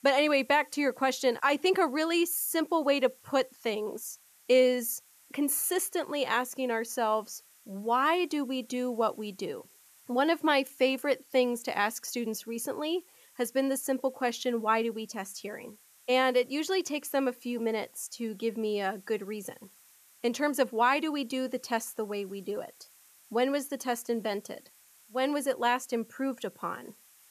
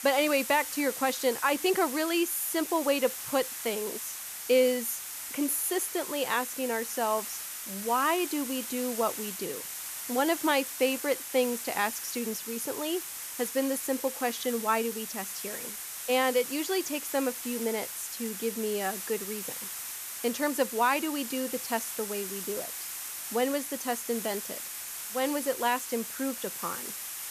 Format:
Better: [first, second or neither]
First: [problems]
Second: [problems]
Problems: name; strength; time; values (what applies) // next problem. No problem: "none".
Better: first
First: hiss; faint; throughout; 25 dB below the speech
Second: hiss; loud; throughout; 6 dB below the speech